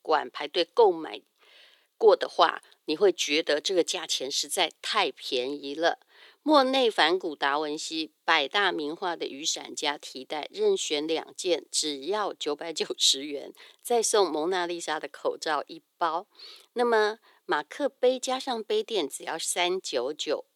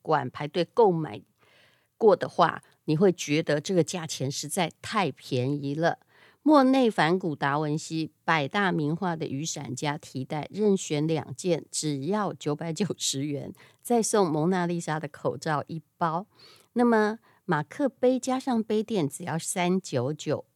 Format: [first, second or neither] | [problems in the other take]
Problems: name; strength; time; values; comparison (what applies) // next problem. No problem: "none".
second | thin; somewhat; fading below 350 Hz